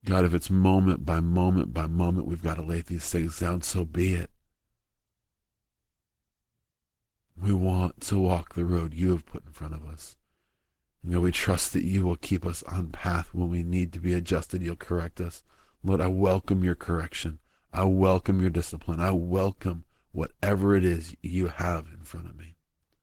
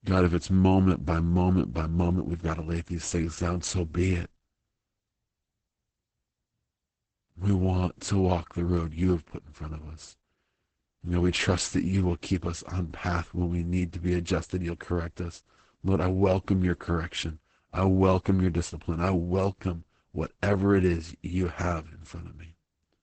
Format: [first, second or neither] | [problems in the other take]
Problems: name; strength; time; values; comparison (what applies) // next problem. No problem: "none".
first | garbled, watery; badly; nothing above 8 kHz; slightly in the first